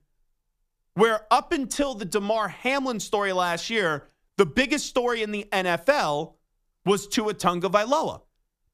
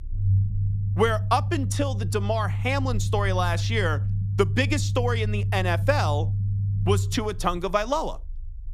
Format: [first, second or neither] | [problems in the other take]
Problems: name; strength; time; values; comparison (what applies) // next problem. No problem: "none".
first | low rumble; noticeable; throughout; 15 dB below the speech